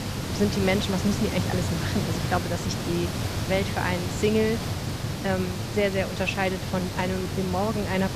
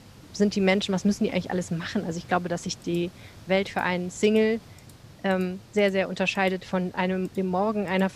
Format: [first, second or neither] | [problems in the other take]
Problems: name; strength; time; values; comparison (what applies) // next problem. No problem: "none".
second | hiss; loud; throughout; 2 dB below the speech; faint in the second